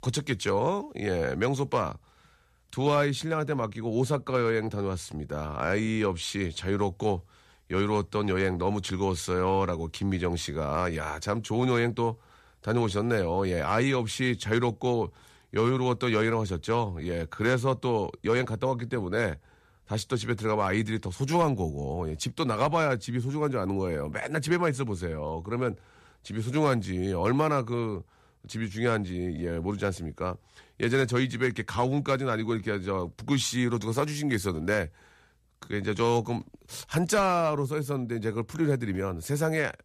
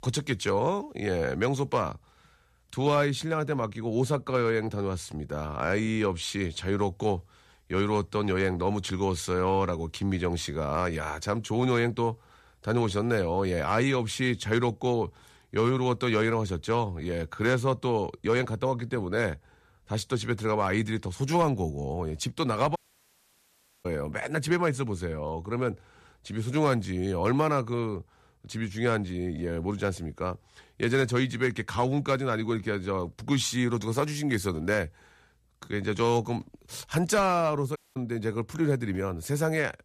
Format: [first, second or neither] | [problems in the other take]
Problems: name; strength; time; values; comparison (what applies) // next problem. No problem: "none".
first | audio cutting out; at 23 s for 1 s and at 38 s